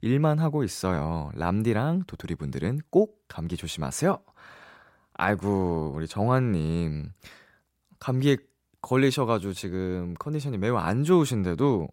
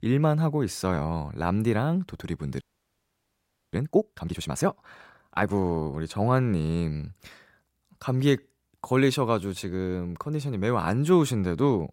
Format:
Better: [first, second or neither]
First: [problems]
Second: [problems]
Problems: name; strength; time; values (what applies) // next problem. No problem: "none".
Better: first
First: none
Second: audio freezing; at 2.5 s for 1 s